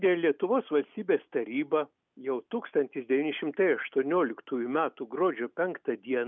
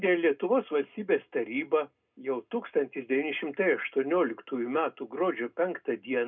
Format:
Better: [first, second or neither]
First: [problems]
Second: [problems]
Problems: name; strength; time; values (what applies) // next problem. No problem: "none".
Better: first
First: none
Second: room echo; dies away in 0.2 s